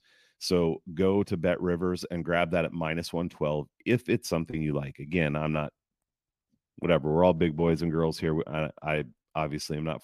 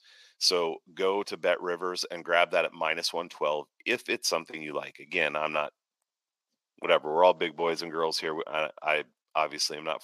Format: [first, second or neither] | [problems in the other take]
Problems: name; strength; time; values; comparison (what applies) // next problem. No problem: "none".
first | thin; very; fading below 600 Hz